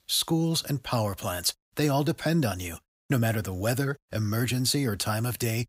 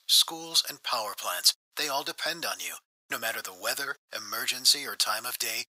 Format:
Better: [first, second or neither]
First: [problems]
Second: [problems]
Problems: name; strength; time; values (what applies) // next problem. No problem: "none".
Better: first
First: none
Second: thin; very; fading below 900 Hz